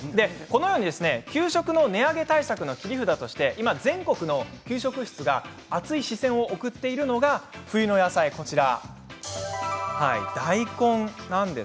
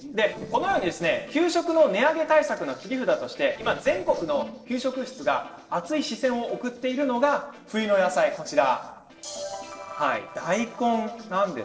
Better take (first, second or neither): first